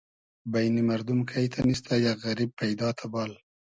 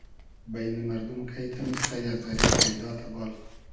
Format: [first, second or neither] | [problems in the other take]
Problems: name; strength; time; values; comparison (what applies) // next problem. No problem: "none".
first | background sound (Tearing); 3 dB above the speech // room echo; dies away in 0.8 s